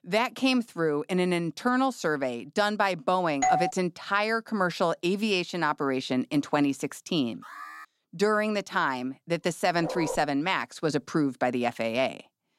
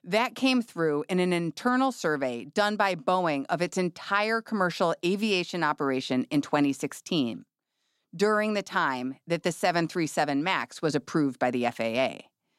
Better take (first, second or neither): second